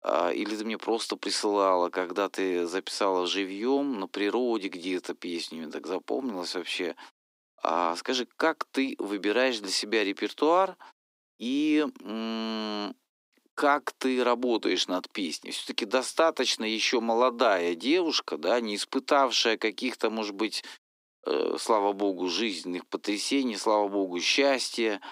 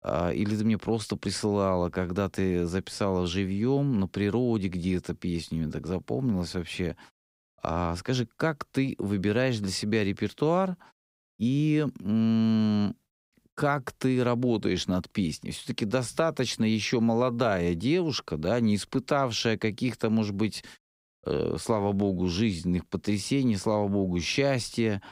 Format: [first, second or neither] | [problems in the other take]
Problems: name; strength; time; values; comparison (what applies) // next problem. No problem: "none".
second | thin; somewhat; fading below 300 Hz